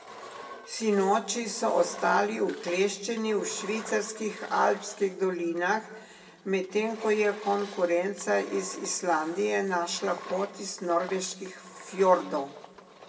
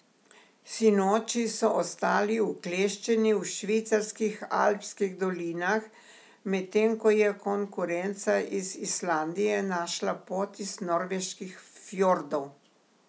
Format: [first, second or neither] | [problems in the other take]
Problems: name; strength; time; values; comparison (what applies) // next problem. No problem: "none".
second | background sound (Engine); 17 dB below the speech // room echo; dies away in 1.5 s